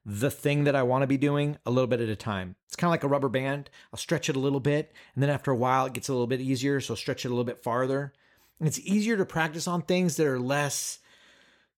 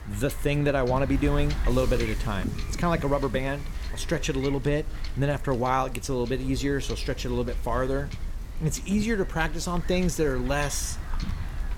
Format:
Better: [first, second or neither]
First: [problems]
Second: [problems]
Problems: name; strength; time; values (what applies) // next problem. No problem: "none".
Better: first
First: none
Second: wind noise on the microphone; occasional gusts; 15 dB below the speech